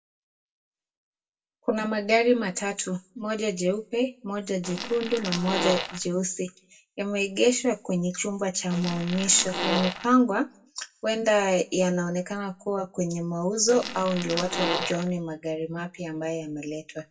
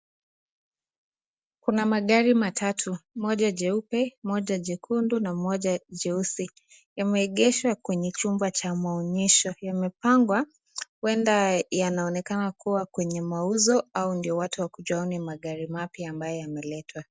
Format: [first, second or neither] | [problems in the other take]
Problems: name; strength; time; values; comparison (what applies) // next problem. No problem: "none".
second | background sound (Fart); 4 dB below the speech // room echo; dies away in 0.1 s